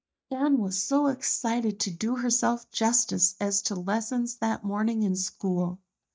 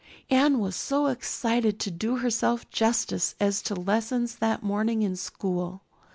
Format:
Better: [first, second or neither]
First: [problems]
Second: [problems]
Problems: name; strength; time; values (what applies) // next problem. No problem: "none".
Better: second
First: noise reduction (neural mask model DeepFilterNet 3)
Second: none